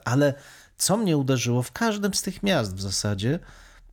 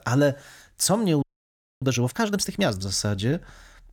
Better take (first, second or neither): first